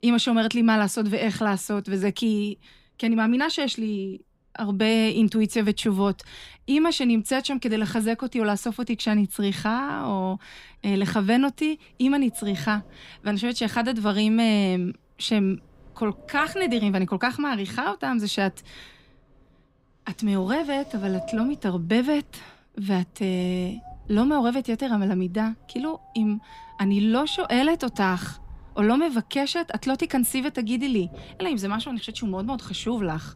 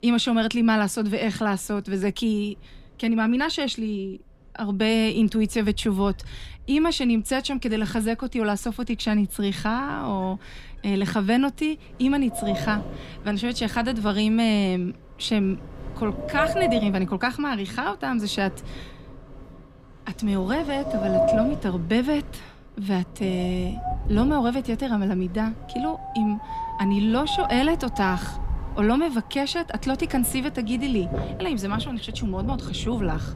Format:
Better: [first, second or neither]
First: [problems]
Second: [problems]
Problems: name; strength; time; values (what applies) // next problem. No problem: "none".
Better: first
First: wind in the background; faint; throughout; 20 dB below the speech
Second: wind in the background; loud; throughout; 8 dB below the speech